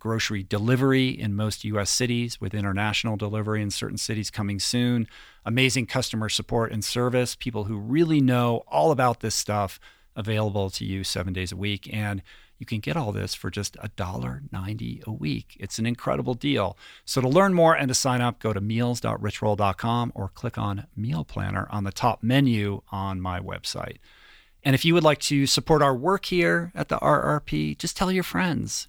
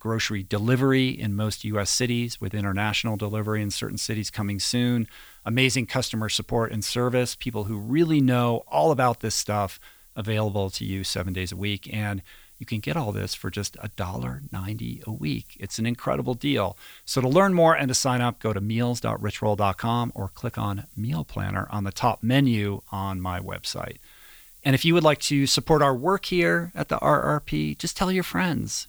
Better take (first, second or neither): first